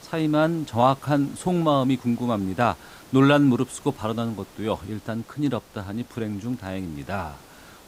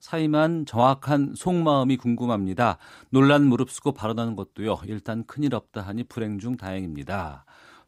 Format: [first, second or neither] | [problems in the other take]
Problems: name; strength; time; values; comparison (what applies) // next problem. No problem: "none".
second | hiss; faint; throughout; 25 dB below the speech